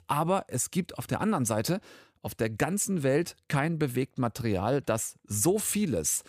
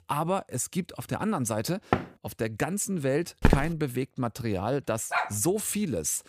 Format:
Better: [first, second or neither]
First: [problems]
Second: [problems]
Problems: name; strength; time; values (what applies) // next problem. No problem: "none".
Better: first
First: none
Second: door banging; noticeable; at 2 s; peak level with the speech // footsteps; loud; at 3.5 s; peak 4 dB above the speech // dog barking; noticeable; at 5 s; peak level with the speech